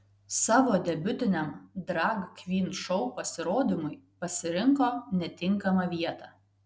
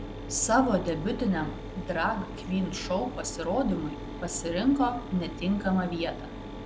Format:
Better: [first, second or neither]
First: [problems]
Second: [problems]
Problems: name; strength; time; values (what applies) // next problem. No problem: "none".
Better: first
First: none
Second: background sound (Mechanisms); 9 dB below the speech